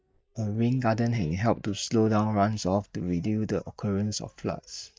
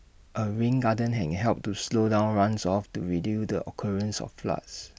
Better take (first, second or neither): second